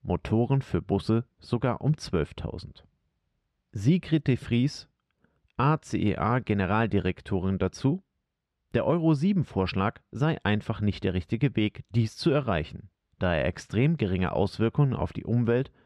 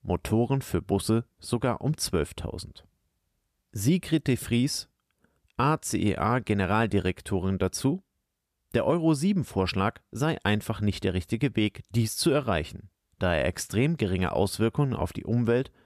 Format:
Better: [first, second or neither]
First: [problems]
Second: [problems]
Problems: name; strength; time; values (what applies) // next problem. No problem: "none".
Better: second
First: muffled; very slightly; fading above 3.5 kHz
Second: none